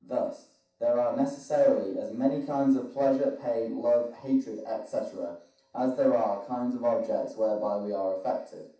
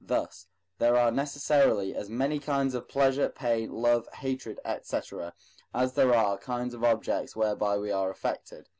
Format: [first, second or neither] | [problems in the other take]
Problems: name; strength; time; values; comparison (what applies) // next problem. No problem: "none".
second | room echo; dies away in 0.7 s